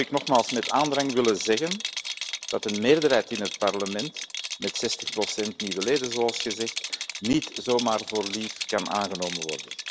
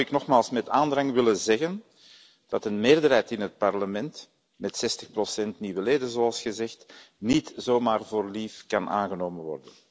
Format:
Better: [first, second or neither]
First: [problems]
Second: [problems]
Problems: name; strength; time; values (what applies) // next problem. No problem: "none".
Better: second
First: background sound (Rattle); 7 dB below the speech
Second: none